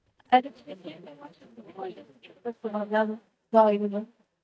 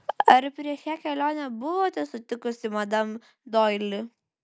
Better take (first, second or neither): second